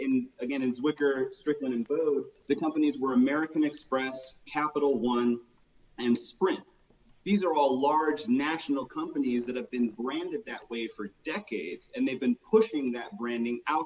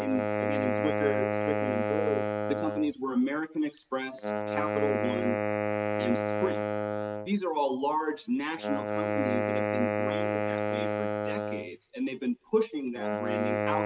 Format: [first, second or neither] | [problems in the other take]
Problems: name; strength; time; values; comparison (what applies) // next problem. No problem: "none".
first | noise reduction (neural mask model RNNoise)